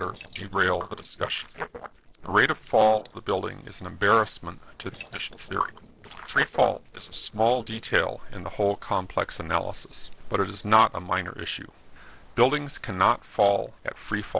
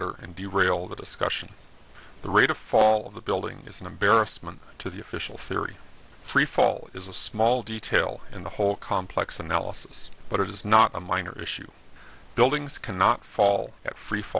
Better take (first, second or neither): second